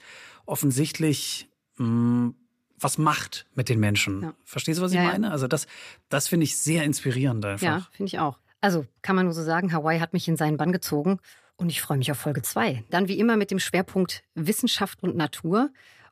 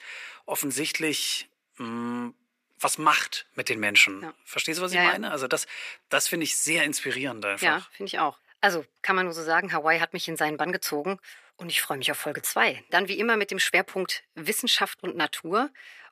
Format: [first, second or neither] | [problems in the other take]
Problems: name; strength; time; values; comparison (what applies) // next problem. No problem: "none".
first | thin; somewhat; fading below 400 Hz